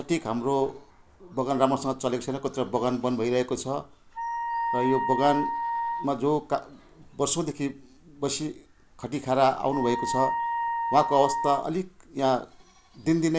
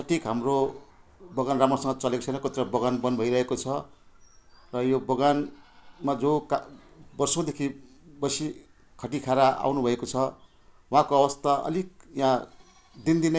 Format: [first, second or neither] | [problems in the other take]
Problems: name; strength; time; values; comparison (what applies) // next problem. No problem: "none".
second | background sound (Wind instrument, woodwind instrument); 4 dB below the speech